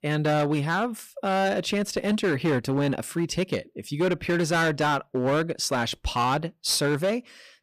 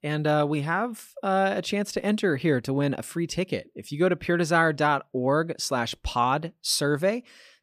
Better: second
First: distortion; slight; 12% of the sound clipped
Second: none

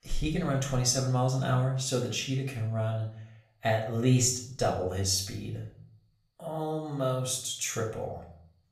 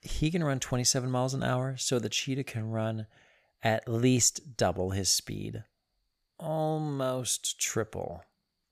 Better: second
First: room echo; slight; dies away in 0.5 s // off-mic speech; far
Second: none

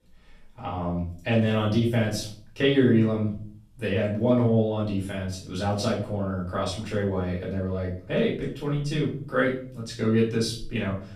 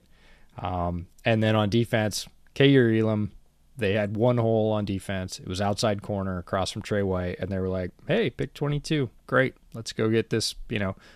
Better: second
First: room echo; noticeable; dies away in 0.4 s // off-mic speech; far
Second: none

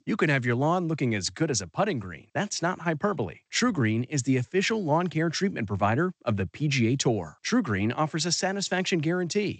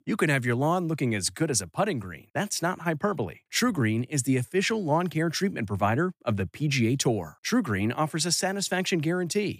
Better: second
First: garbled, watery; slightly; nothing above 8 kHz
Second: none

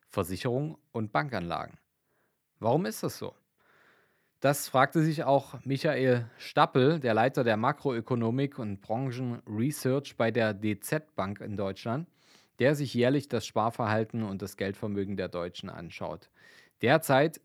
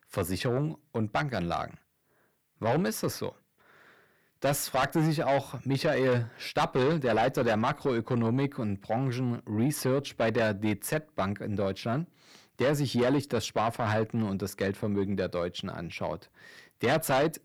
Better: first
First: none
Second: distortion; heavy; 6 dB below the speech

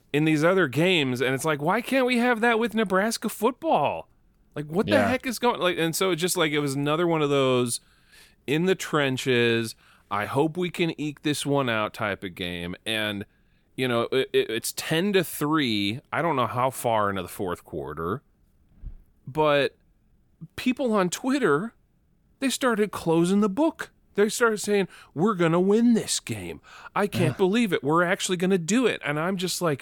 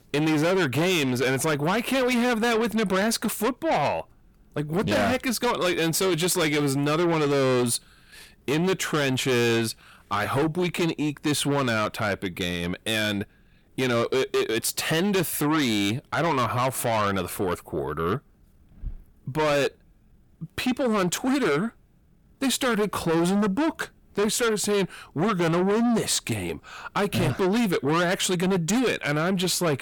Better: first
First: none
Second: distortion; heavy; 7 dB below the speech

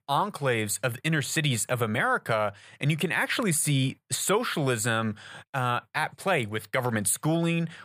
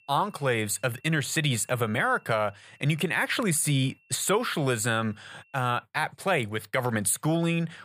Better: first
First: none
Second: high-pitched whine; faint; until 6 s; 2.5 kHz, 35 dB below the speech

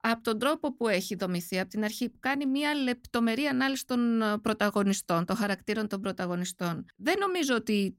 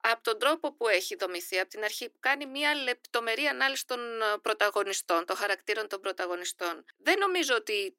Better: first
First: none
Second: thin; very; fading below 350 Hz

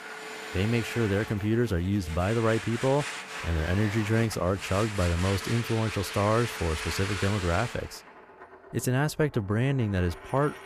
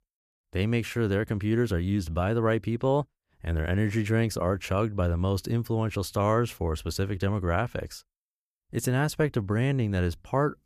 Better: second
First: household noises; loud; throughout; 9 dB below the speech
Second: none

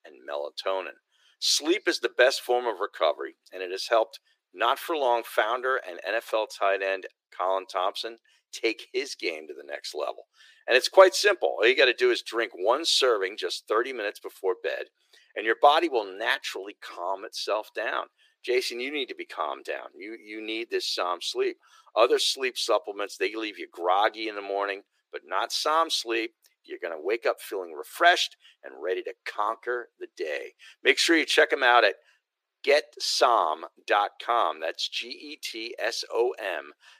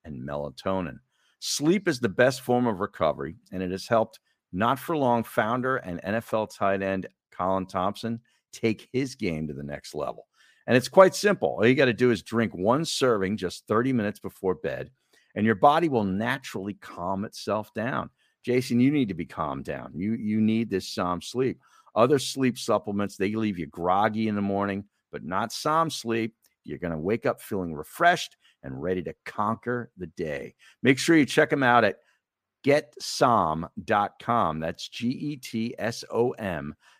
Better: second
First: thin; very; fading below 350 Hz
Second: none

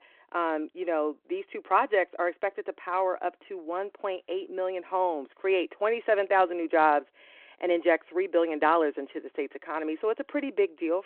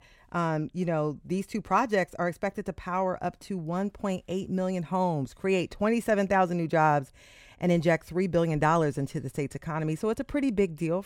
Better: second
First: phone-call audio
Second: none

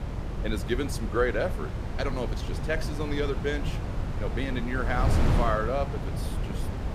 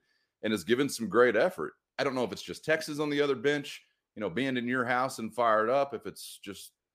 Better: second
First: wind noise on the microphone; heavy; 7 dB below the speech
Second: none

